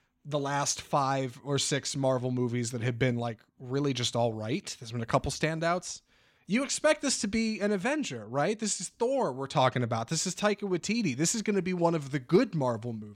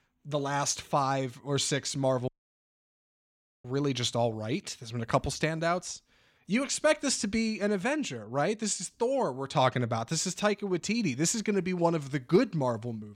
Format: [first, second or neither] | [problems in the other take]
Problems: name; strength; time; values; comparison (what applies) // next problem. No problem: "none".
first | audio cutting out; at 2.5 s for 1.5 s